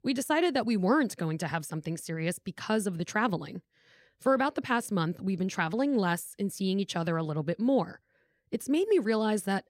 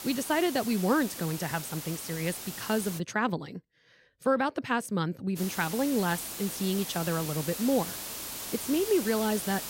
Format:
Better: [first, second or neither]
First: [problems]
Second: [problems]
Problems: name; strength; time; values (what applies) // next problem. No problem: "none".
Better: first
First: none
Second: hiss; loud; until 3 s and from 5.5 s on; 7 dB below the speech